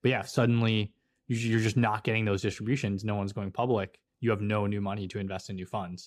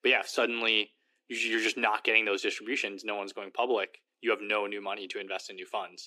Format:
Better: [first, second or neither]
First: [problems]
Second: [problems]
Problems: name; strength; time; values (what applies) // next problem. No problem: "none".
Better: first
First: none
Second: thin; very; fading below 300 Hz